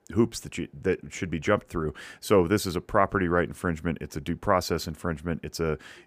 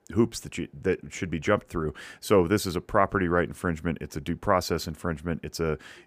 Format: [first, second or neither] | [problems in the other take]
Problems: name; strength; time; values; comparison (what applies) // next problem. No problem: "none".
neither | none